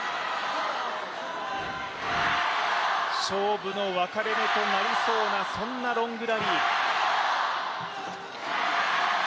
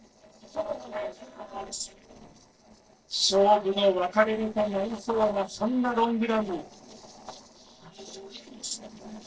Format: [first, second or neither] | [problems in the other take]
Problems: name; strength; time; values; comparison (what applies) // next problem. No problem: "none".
first | noise reduction (neural separator model SepFormer DNS4)